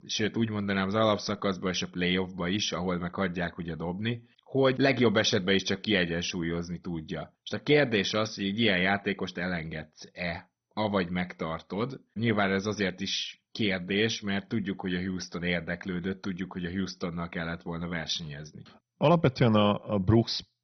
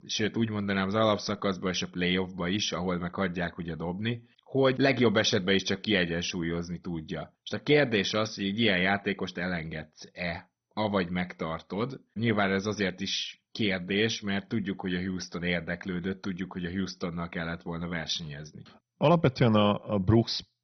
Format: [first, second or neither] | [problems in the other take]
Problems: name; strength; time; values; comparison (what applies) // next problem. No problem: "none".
neither | garbled, watery; badly; nothing above 6 kHz; the same in both